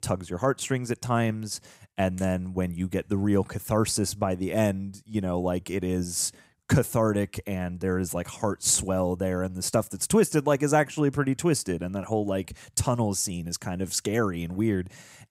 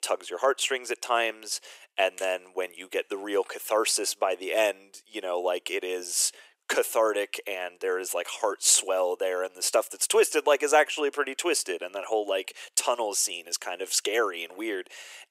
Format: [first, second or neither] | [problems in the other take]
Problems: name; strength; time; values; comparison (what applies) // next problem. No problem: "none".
first | thin; very; fading below 400 Hz